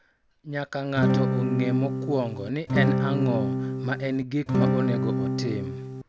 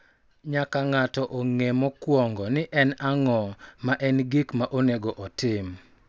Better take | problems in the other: second | background sound (Acoustic guitar / Strum); 4 dB above the speech

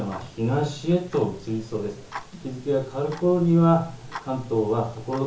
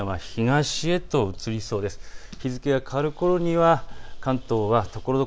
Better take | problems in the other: second | background sound (Tick-tock); 19 dB below the speech // room echo; dies away in 0.7 s

